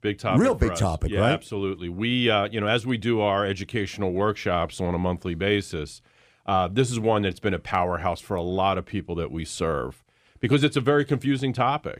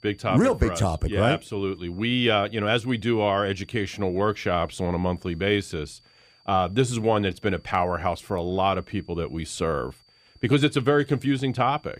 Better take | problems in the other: first | high-pitched whine; faint; throughout; 4.5 kHz, 30 dB below the speech

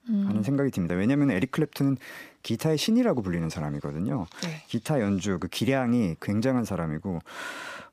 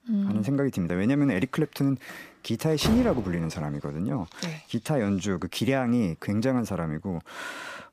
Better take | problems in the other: first | door banging; noticeable; at 3 s; peak 3 dB below the speech

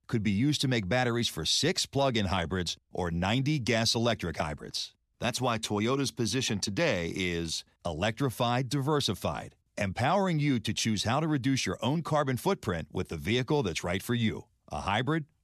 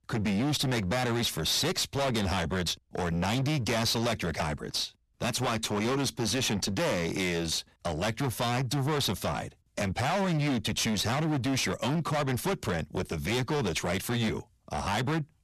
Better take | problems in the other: first | distortion; heavy; 28% of the sound clipped

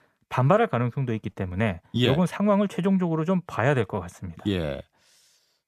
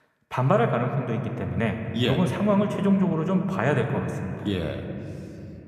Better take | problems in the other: first | room echo; slight; dies away in 3 s

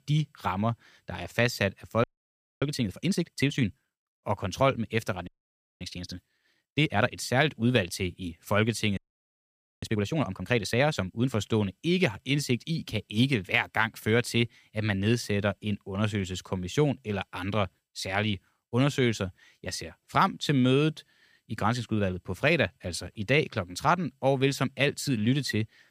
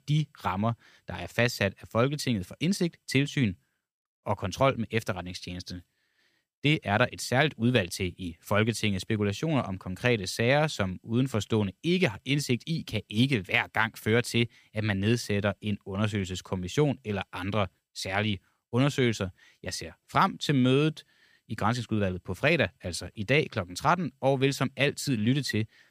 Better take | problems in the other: second | audio freezing; at 2 s for 0.5 s, at 5.5 s for 0.5 s and at 9 s for 1 s

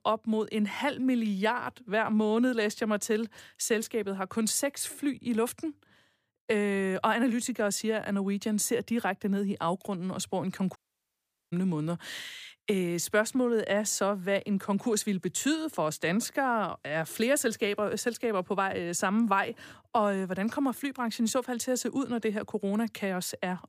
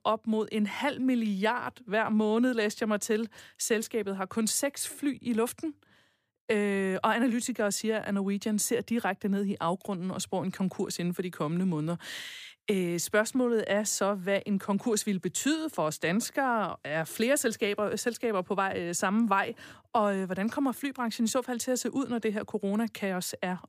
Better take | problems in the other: second | audio cutting out; at 11 s for 1 s

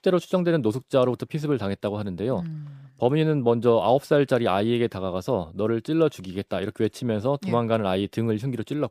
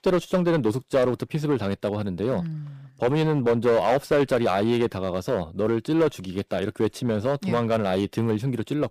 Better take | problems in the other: first | distortion; slight; 6% of the sound clipped

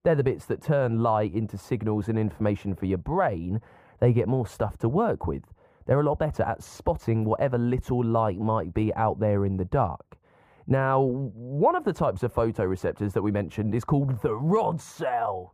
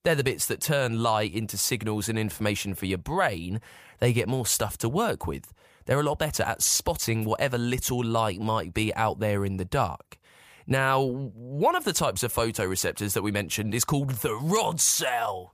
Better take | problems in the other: second | muffled; very; fading above 2 kHz

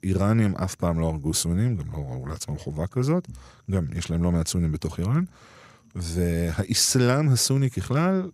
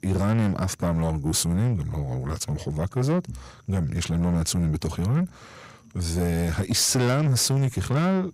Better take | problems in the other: first | distortion; slight; 10 dB below the speech

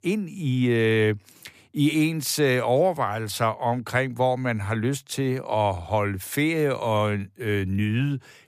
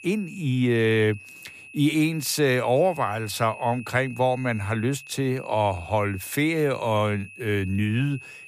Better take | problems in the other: first | high-pitched whine; noticeable; throughout; 2.5 kHz, 15 dB below the speech

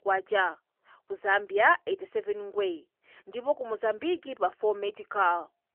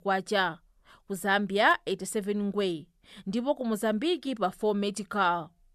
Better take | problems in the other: second | phone-call audio; nothing above 3 kHz

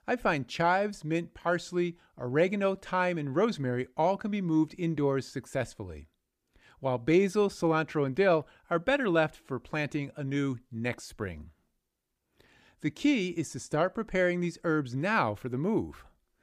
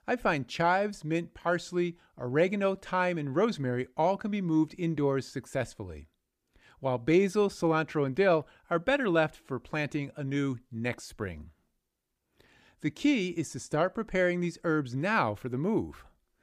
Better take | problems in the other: neither | none

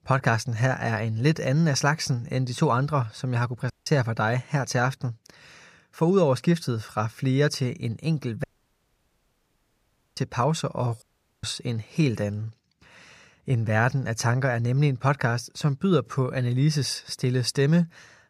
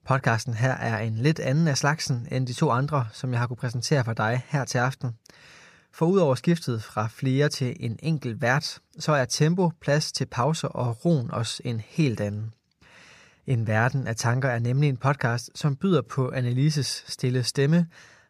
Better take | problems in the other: second | audio cutting out; at 3.5 s, at 8.5 s for 1.5 s and at 11 s

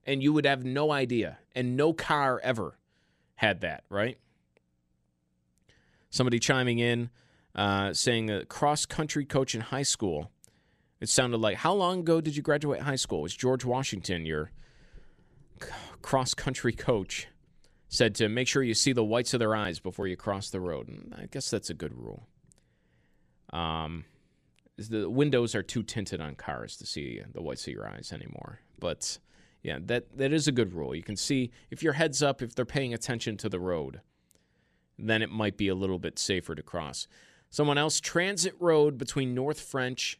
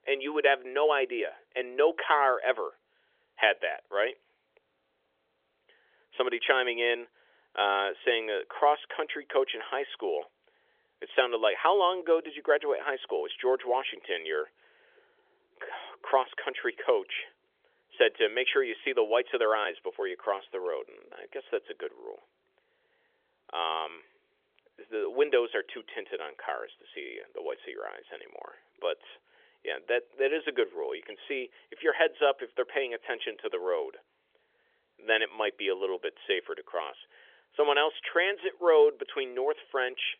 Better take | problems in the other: first | phone-call audio; nothing above 3.5 kHz

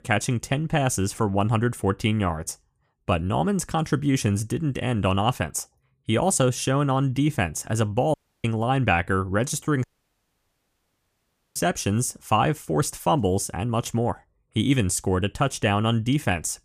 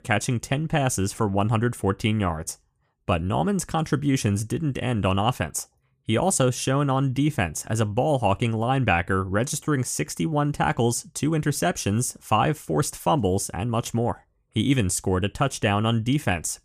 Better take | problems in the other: second | audio cutting out; at 8 s and at 10 s for 1.5 s

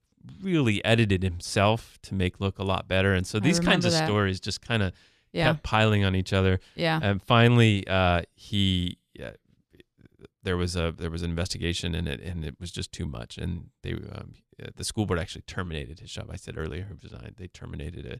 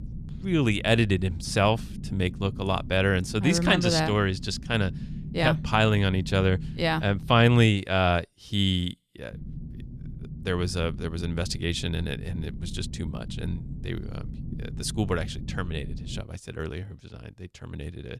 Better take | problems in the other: first | low rumble; faint; until 7.5 s and from 9.5 to 16 s; 20 dB below the speech

